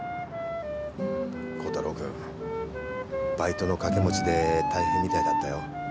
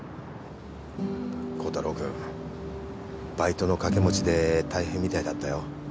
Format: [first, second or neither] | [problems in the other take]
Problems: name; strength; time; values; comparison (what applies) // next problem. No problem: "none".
second | background sound (Wind instrument, woodwind instrument); 1 dB below the speech